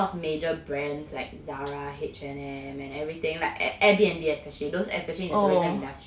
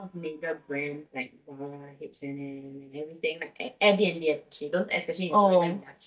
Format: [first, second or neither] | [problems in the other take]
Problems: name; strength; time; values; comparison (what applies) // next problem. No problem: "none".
first | noise reduction (neural mask model DeepFilterNet 3)